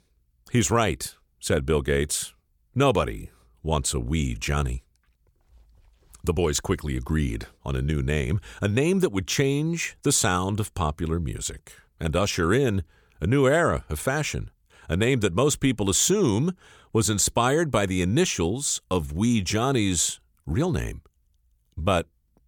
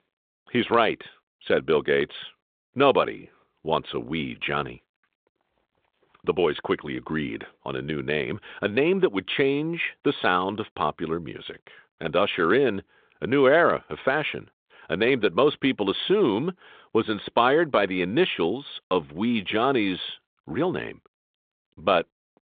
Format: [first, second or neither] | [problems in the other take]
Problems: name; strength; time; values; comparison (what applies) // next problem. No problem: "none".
first | phone-call audio; nothing above 3.5 kHz